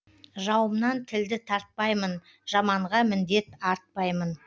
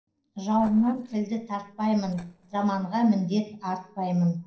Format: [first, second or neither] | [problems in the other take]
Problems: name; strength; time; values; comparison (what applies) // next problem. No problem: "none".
first | noise reduction (neural separator model SepFormer DNS4)